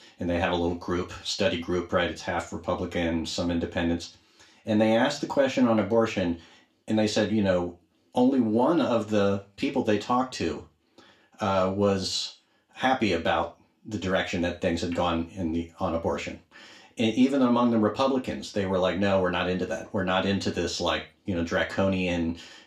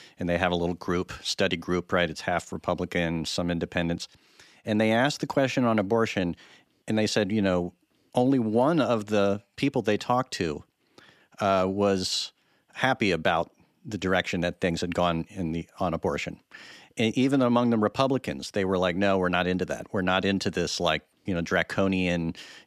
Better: second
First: room echo; very slight; dies away in 0.3 s // off-mic speech; far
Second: none

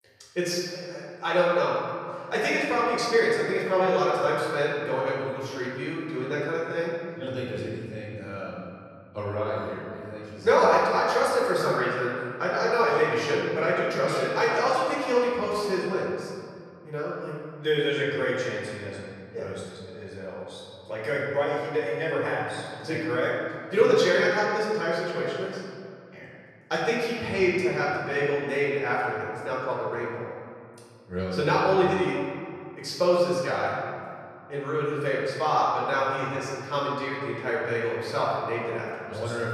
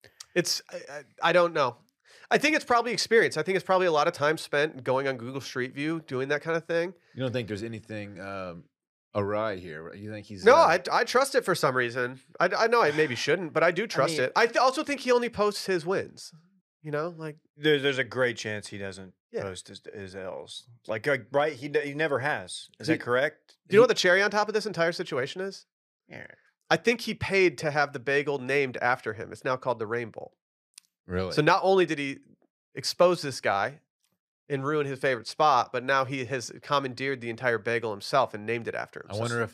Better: second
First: off-mic speech; far // room echo; strong; dies away in 2.1 s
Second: none

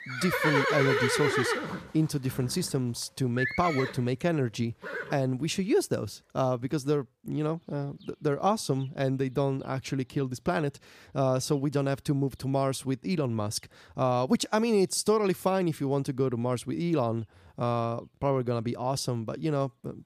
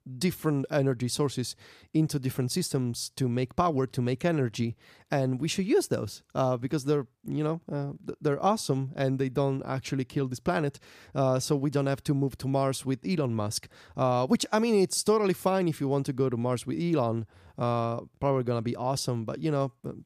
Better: second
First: animal sounds; loud; throughout; 1 dB below the speech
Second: none

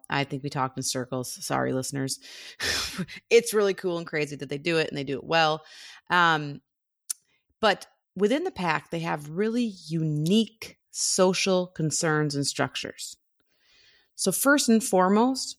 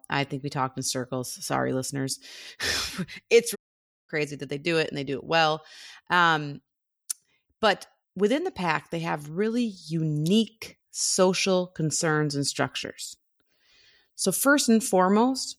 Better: first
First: none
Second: audio cutting out; at 3.5 s for 0.5 s

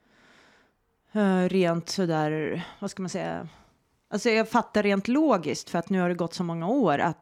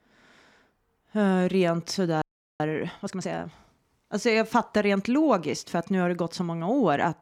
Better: first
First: none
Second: audio freezing; at 2 s

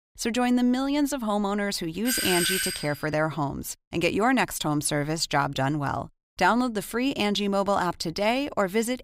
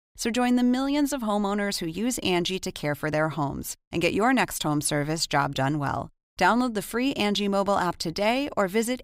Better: second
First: doorbell; loud; at 2 s; peak 1 dB above the speech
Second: none

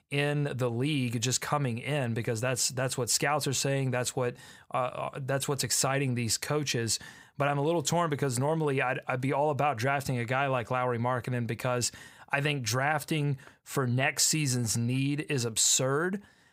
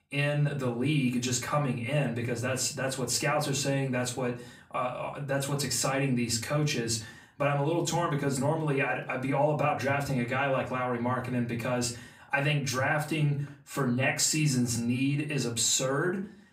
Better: first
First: none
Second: off-mic speech; far // room echo; very slight; dies away in 0.3 s

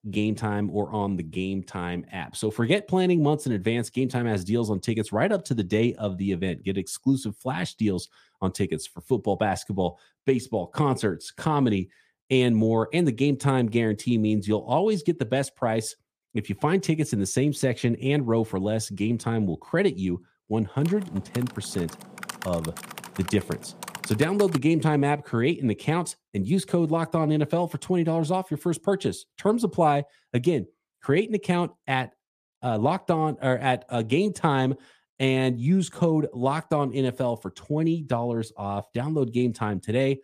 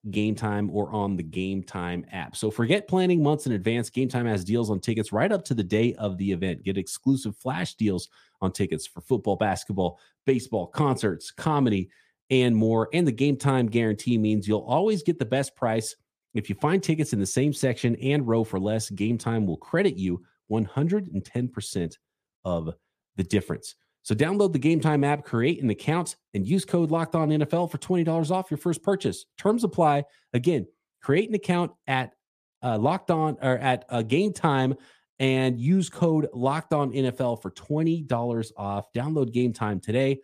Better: second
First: keyboard typing; faint; from 21 to 25 s; peak 10 dB below the speech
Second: none

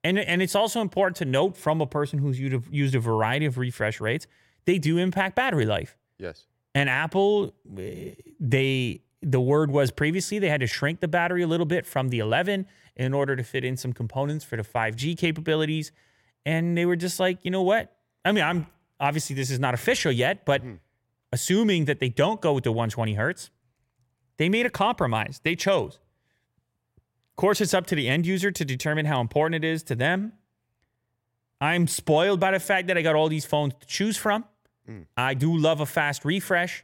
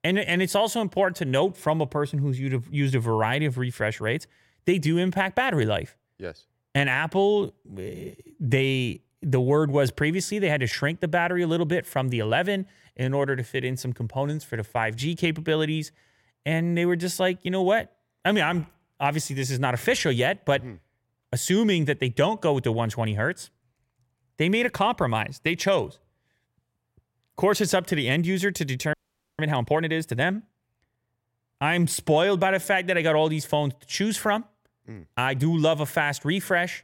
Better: first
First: none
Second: audio freezing; at 29 s

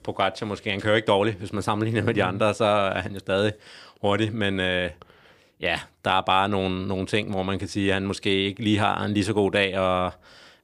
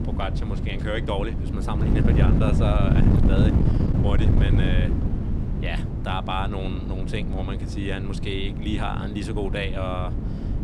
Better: first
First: none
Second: wind noise on the microphone; heavy; 3 dB below the speech

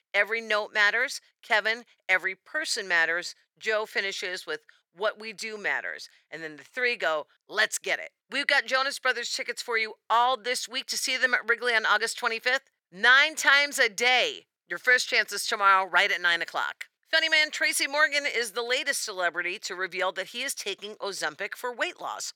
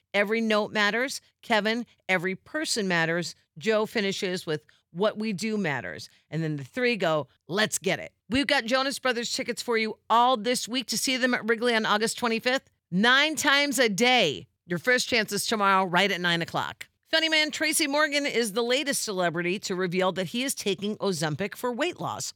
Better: second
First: thin; very; fading below 550 Hz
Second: none

